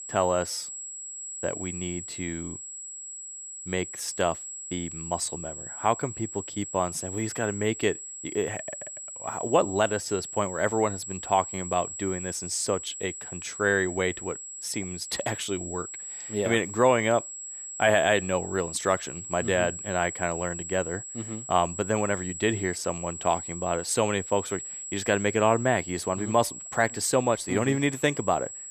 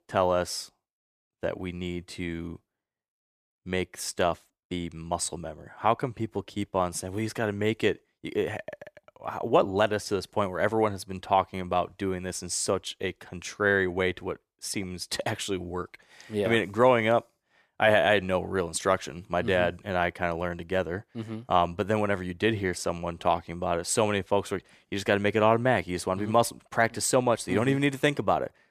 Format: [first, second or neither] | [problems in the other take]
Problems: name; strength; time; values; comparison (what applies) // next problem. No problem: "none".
second | high-pitched whine; loud; throughout; 7.5 kHz, 8 dB below the speech